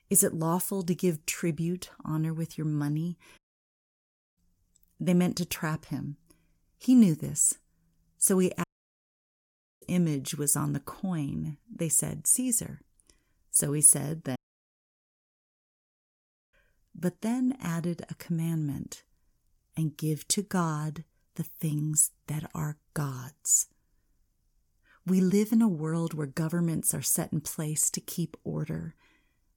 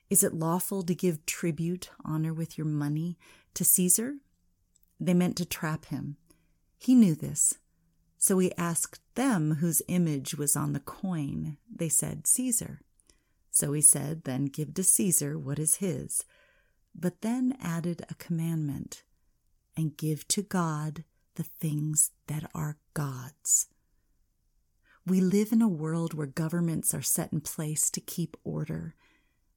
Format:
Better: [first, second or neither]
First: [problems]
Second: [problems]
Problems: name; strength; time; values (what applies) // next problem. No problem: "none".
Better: second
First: audio cutting out; at 3.5 s for 1 s, at 8.5 s for 1 s and at 14 s for 2 s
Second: none